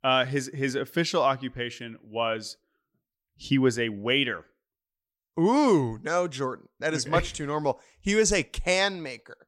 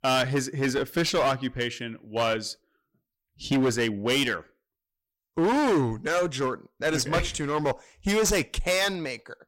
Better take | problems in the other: first | distortion; heavy; 12% of the sound clipped

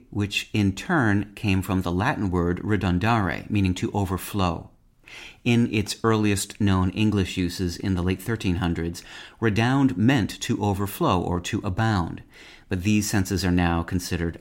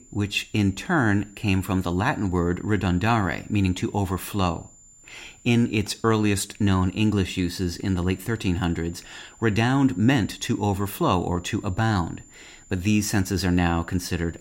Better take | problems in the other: first | high-pitched whine; faint; throughout; 7 kHz, 25 dB below the speech

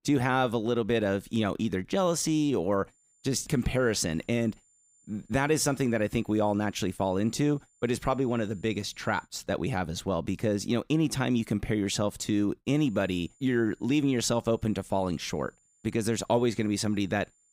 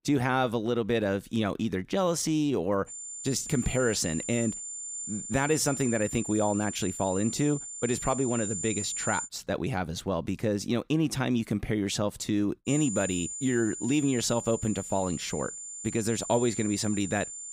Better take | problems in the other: first | high-pitched whine; loud; from 3 to 9.5 s and from 13 s on; 7 kHz, 6 dB below the speech; faint in the first

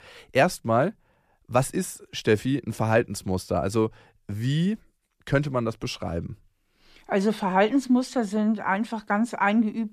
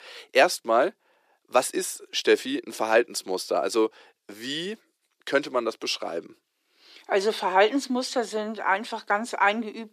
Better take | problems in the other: first | thin; somewhat; fading below 350 Hz

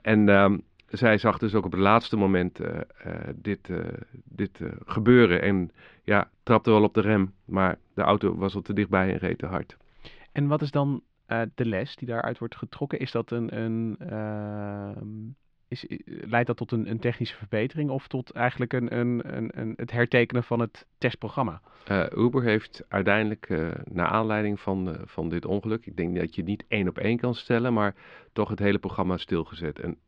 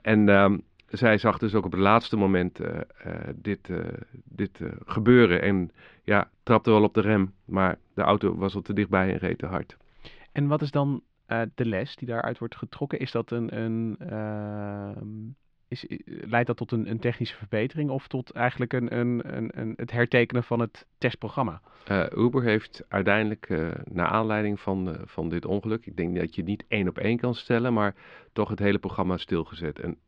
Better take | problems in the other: neither | muffled; slightly; fading above 3 kHz; the same in both

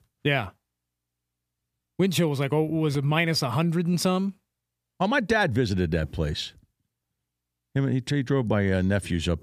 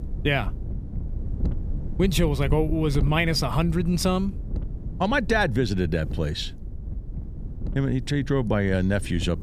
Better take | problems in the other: first | wind noise on the microphone; occasional gusts; 20 dB below the speech

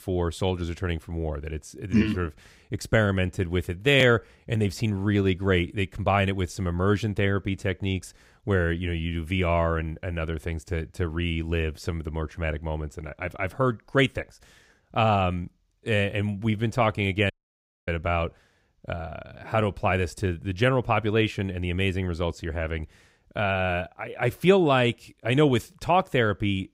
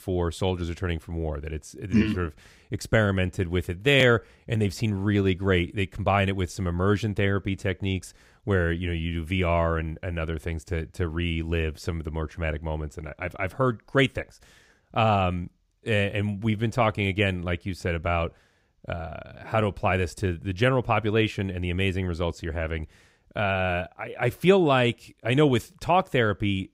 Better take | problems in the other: second | audio cutting out; at 17 s for 0.5 s

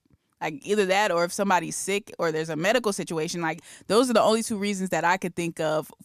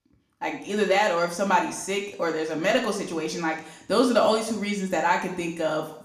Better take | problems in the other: first | room echo; slight; dies away in 0.6 s // off-mic speech; somewhat distant

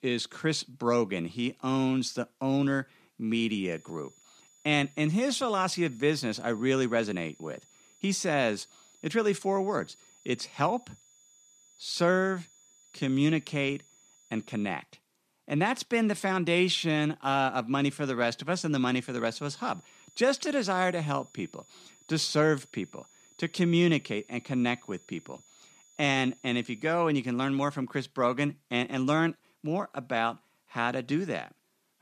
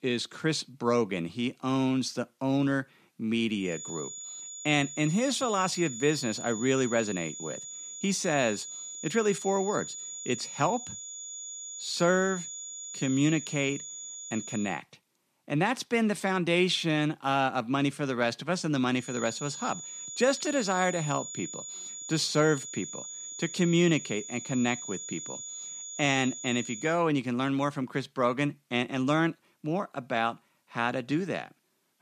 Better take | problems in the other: first | high-pitched whine; loud; from 3.5 to 15 s and from 19 to 27 s; 7 kHz, 9 dB below the speech; faint in the first

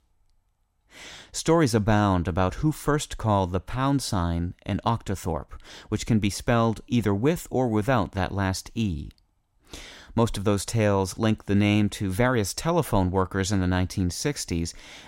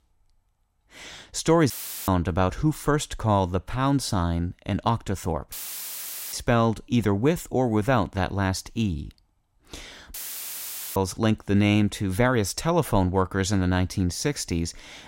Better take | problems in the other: first | audio cutting out; filled with static; at 1.5 s, at 5.5 s for 1 s and at 10 s for 1 s

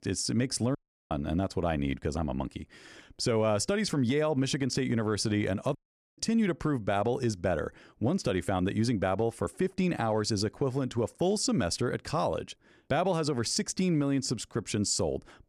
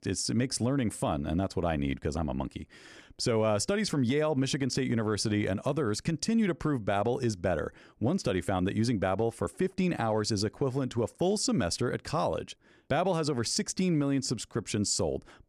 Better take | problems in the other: second | audio cutting out; at 1 s and at 6 s

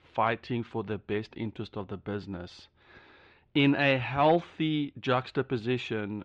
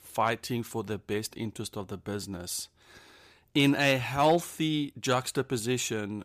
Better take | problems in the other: second | muffled; slightly; fading above 3.5 kHz

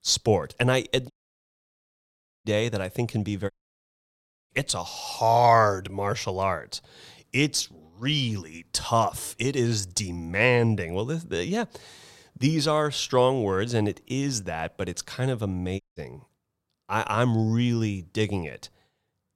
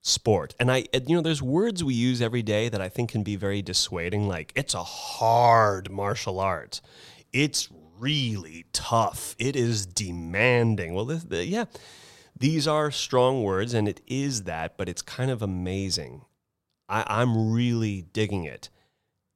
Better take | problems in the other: second | audio cutting out; at 1 s for 1.5 s, at 3.5 s for 1 s and at 16 s

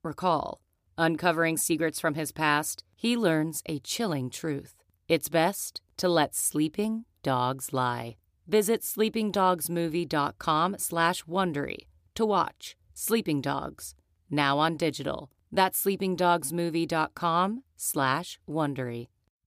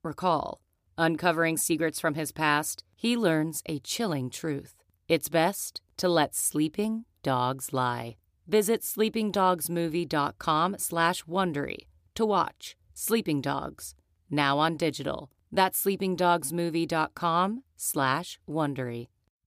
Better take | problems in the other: neither | none

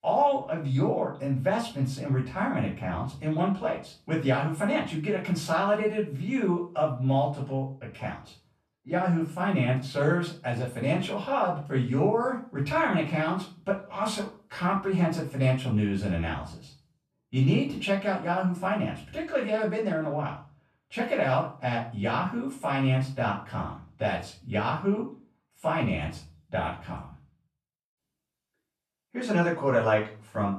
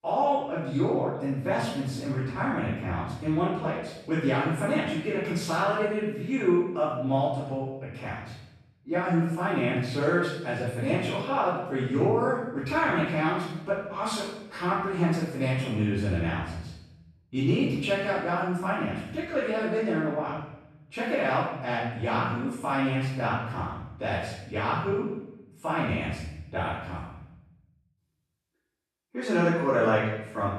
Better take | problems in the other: first | room echo; strong; dies away in 0.9 s; slight in the first // off-mic speech; far; far in the first

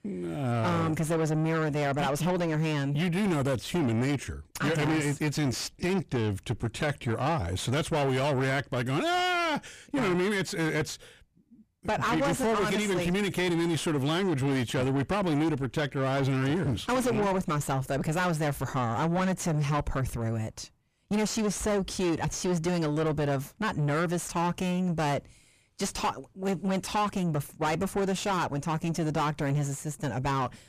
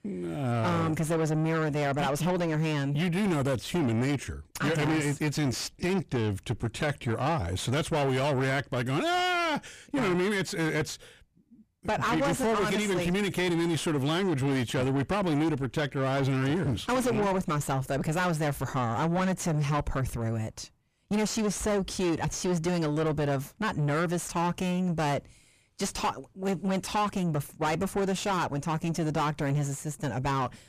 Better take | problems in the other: neither | distortion; heavy; 6 dB below the speech; the same in both

